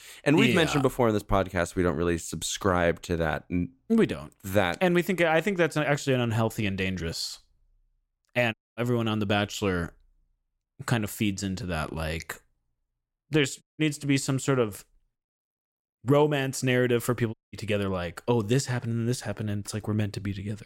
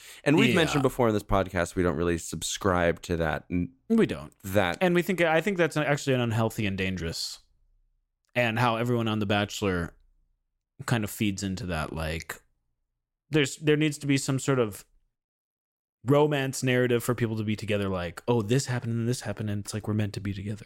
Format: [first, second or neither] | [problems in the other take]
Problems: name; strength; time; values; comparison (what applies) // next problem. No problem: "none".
second | audio cutting out; at 8.5 s, at 14 s and at 17 s